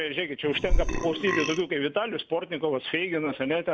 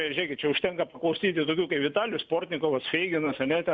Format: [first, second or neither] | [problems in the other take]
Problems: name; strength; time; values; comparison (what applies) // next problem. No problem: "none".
second | background sound (Burping, eructation); 1 dB above the speech